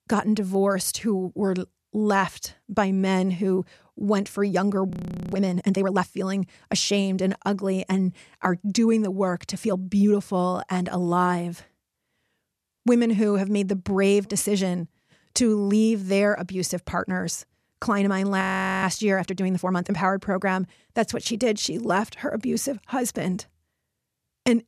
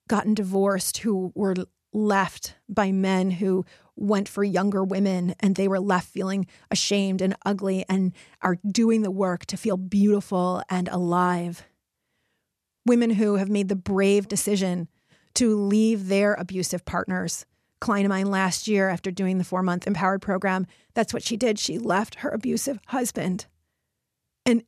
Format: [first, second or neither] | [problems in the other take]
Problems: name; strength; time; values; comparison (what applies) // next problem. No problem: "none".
second | audio freezing; at 5 s and at 18 s